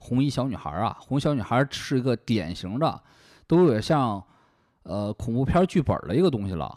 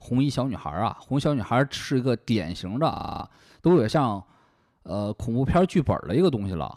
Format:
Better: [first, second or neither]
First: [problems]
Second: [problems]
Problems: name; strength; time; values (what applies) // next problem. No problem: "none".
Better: first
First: none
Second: audio freezing; at 3 s